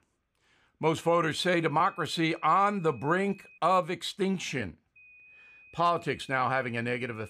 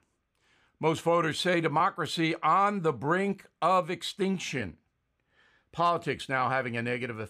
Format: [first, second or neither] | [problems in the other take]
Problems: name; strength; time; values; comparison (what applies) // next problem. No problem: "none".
second | high-pitched whine; faint; from 1 to 3.5 s and from 5 s on; 2.5 kHz, 25 dB below the speech